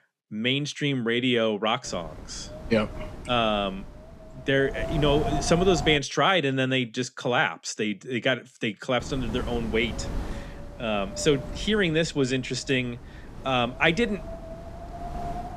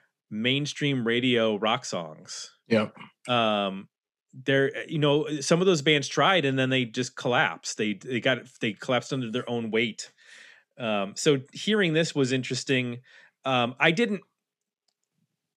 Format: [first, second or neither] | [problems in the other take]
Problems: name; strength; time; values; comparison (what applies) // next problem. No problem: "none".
second | wind noise on the microphone; occasional gusts; from 2 to 6 s and from 9 s on; 10 dB below the speech